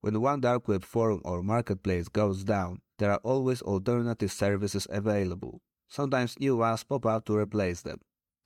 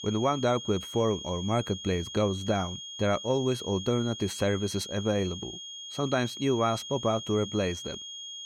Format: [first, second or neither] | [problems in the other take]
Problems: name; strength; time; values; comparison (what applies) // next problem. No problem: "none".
first | high-pitched whine; loud; throughout; 3.5 kHz, 9 dB below the speech